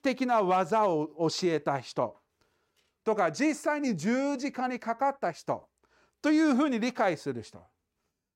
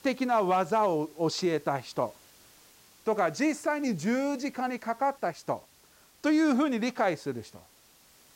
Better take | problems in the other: first | hiss; faint; throughout; 25 dB below the speech

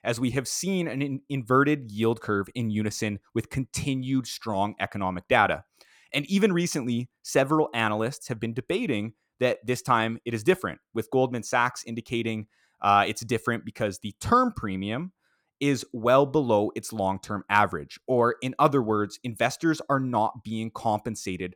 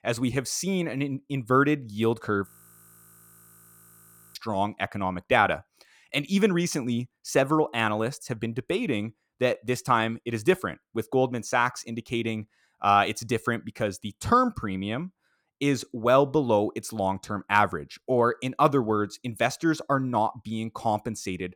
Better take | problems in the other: first | audio freezing; at 2.5 s for 2 s

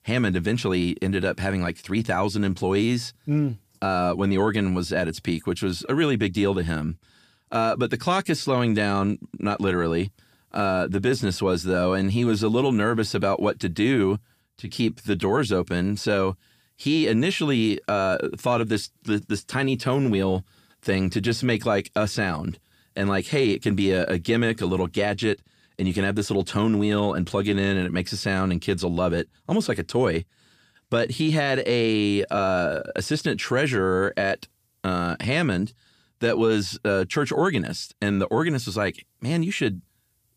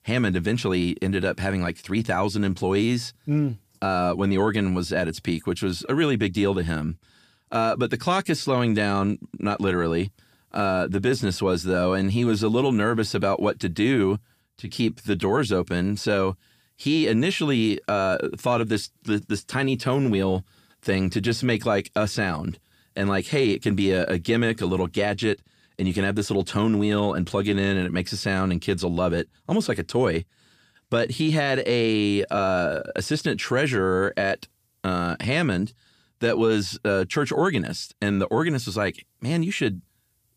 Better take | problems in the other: neither | none

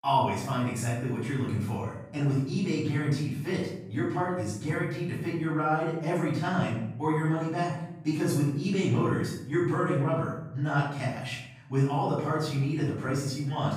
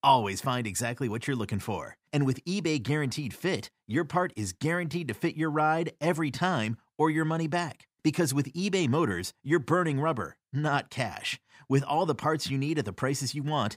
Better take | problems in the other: second | off-mic speech; far // room echo; noticeable; dies away in 0.9 s

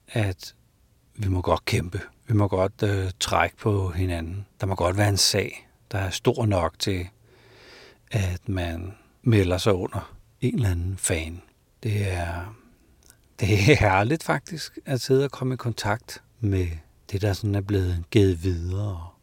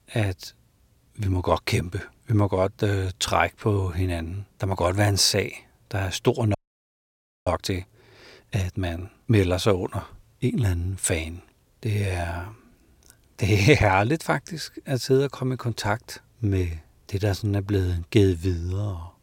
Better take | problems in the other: first | audio freezing; at 6.5 s for 1 s

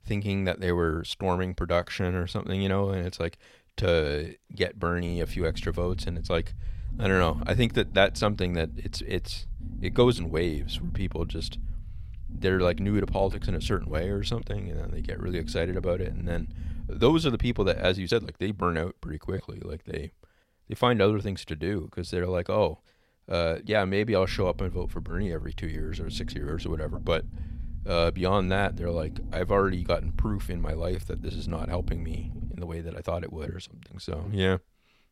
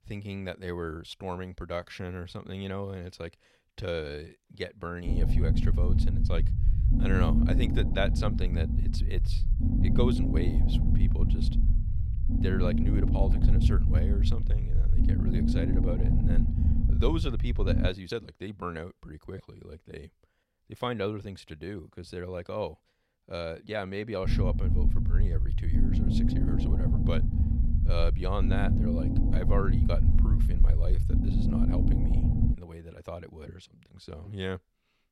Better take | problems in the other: first | low rumble; loud; from 5 to 18 s and from 24 to 33 s; 2 dB below the speech; faint in the first

